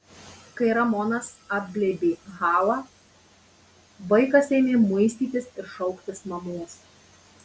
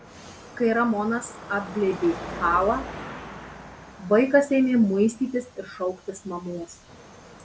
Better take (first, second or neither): first